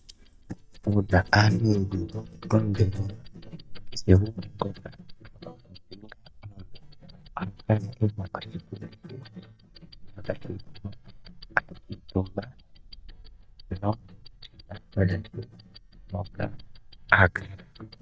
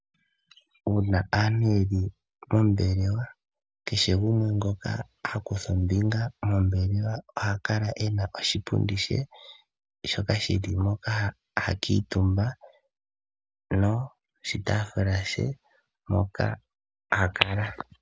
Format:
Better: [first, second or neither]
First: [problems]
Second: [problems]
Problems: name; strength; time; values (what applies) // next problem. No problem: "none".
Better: second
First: noise reduction (neural mask model DeepFilterNet 3)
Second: none